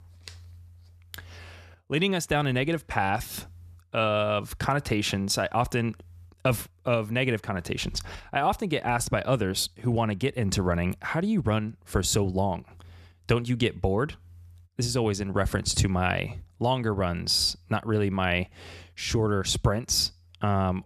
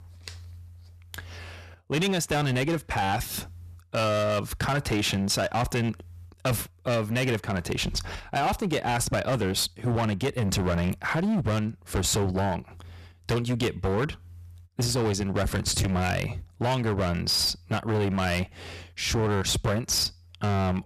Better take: first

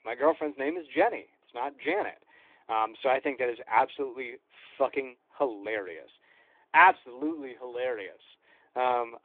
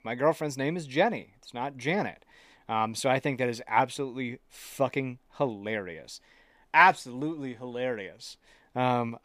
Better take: second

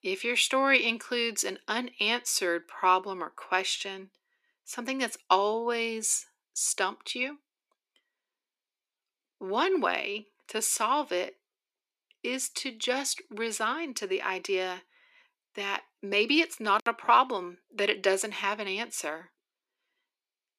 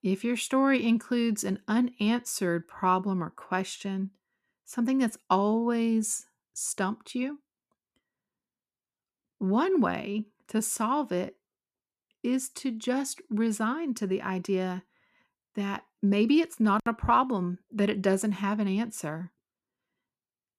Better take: second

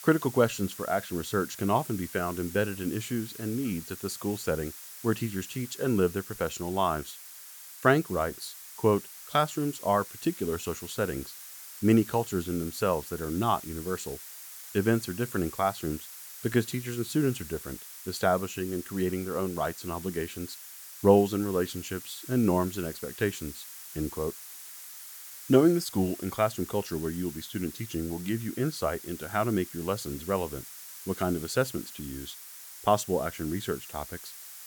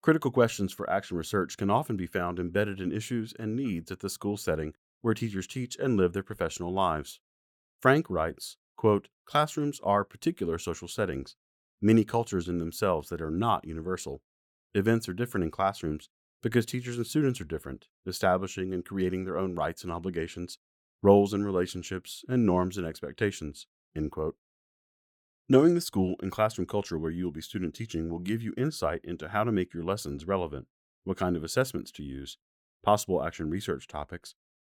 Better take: second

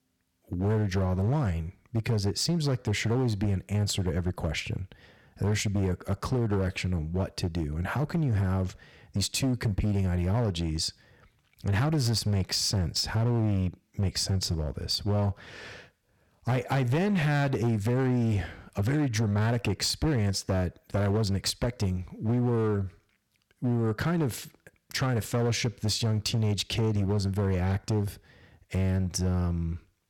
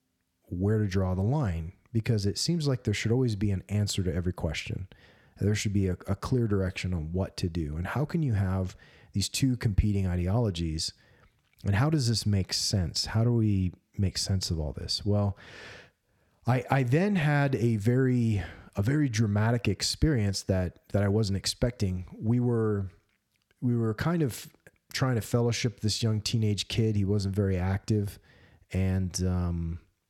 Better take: second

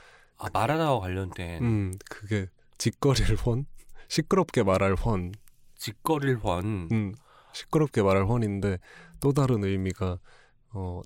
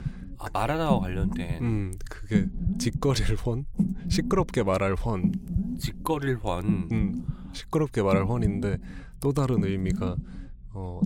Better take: first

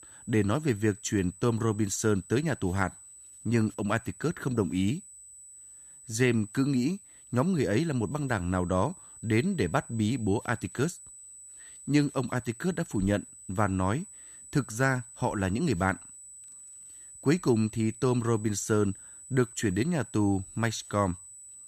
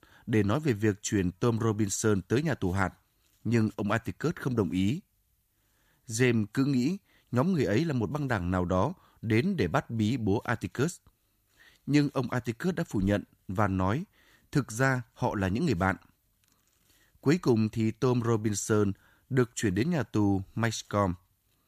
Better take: second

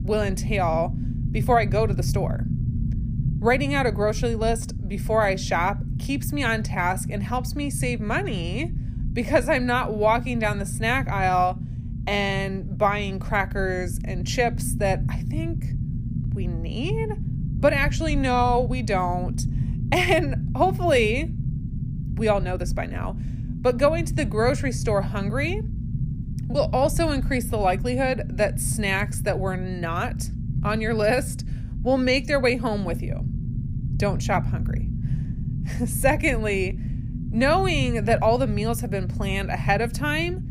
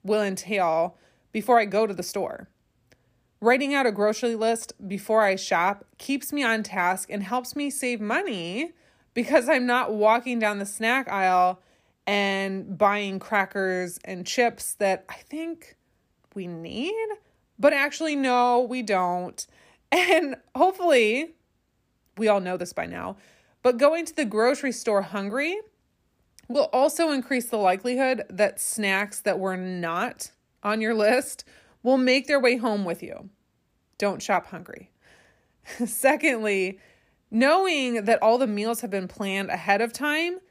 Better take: second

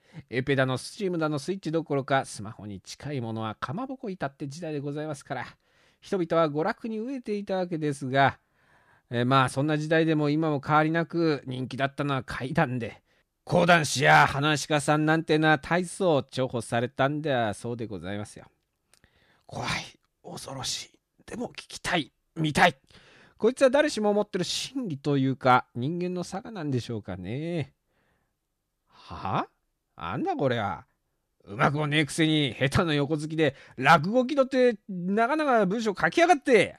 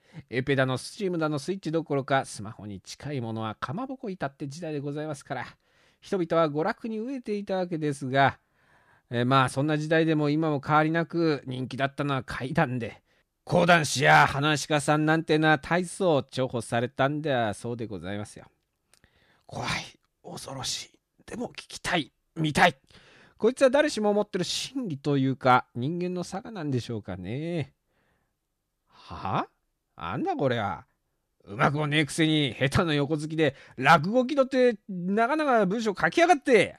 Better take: neither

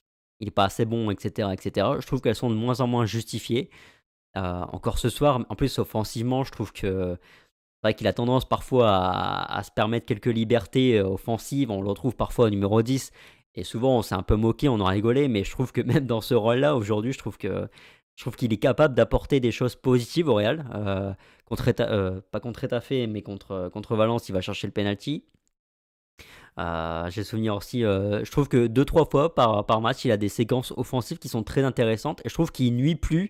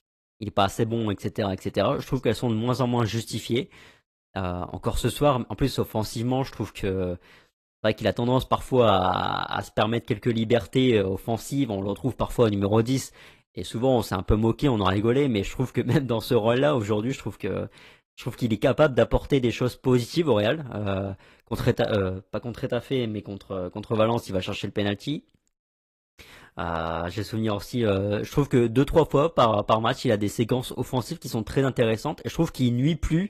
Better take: first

